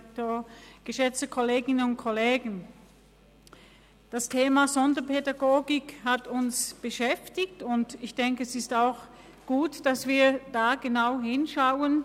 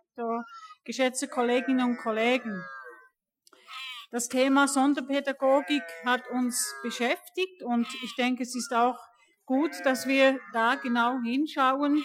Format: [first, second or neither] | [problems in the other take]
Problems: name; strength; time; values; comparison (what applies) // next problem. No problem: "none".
first | noise reduction (classical method Wiener filter)